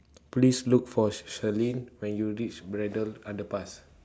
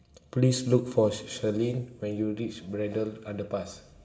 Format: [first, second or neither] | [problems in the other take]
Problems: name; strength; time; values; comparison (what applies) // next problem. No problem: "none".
first | room echo; dies away in 2.7 s